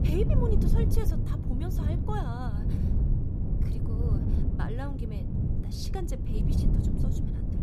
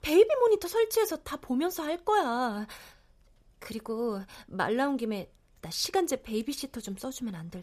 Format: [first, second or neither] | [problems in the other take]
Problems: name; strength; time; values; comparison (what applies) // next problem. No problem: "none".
second | wind noise on the microphone; heavy; 1 dB below the speech